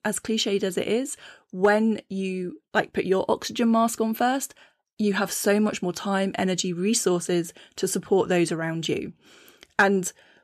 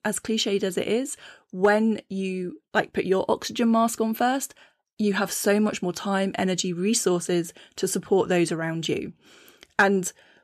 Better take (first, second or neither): neither